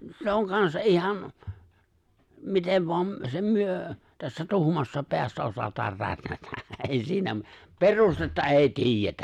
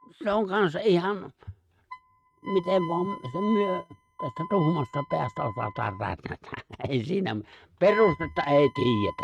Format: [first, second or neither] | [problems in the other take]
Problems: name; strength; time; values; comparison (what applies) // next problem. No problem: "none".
first | noise reduction (neural mask model RNNoise)